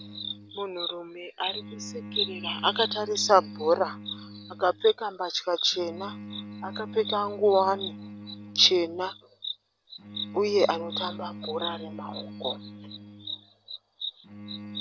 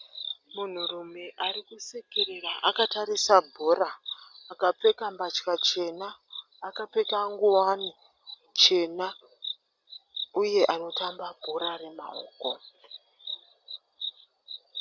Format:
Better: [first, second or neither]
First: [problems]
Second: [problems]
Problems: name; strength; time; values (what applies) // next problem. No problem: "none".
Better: second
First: background sound (Bowed string instrument); 13 dB below the speech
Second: none